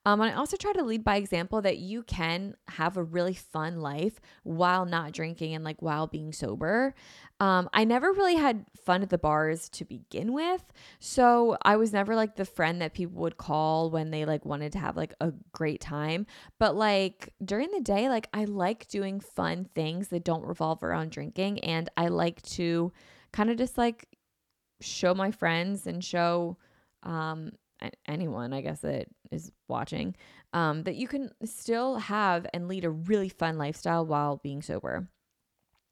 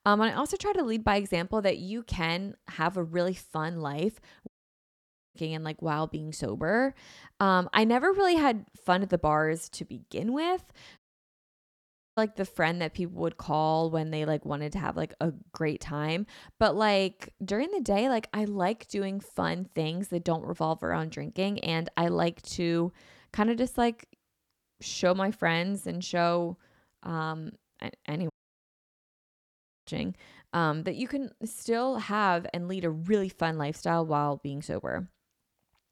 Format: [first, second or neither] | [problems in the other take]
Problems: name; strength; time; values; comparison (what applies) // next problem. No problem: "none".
first | audio cutting out; at 4.5 s for 1 s, at 11 s for 1 s and at 28 s for 1.5 s